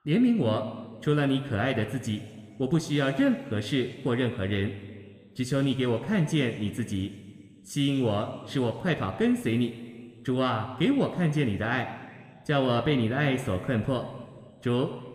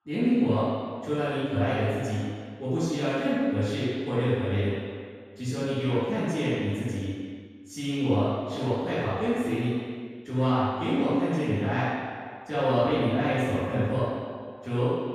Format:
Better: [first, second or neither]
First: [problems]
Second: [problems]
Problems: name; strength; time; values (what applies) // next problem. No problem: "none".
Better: first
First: room echo; slight; dies away in 1.6 s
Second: room echo; strong; dies away in 1.8 s // off-mic speech; far